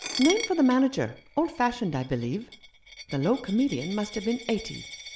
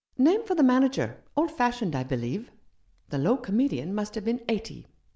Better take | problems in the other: second | background sound (Coin (dropping)); 13 dB below the speech

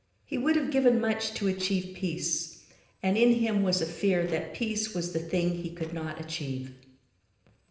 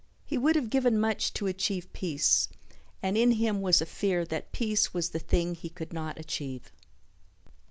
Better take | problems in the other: second | noise reduction (neural separator model SepFormer DNS4)

